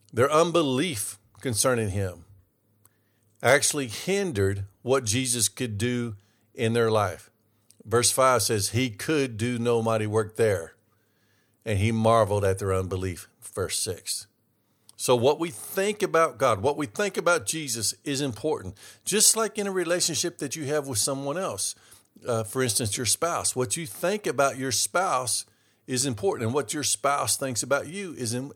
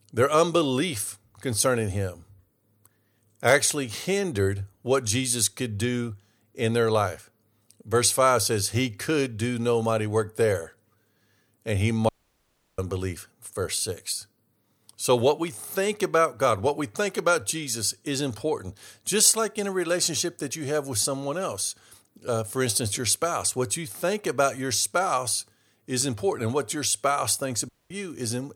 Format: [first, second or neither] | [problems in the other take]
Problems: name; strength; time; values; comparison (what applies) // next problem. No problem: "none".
first | audio cutting out; at 12 s for 0.5 s and at 28 s